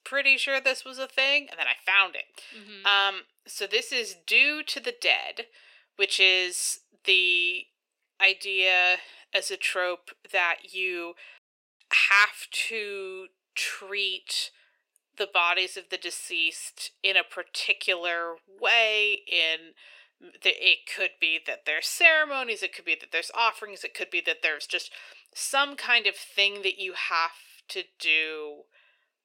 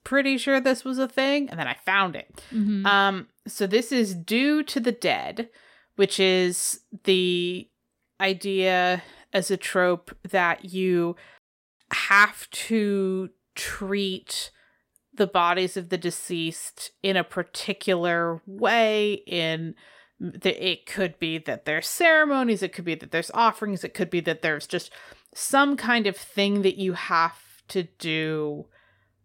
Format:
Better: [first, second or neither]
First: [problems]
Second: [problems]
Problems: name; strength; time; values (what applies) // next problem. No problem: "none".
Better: second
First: thin; very; fading below 400 Hz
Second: none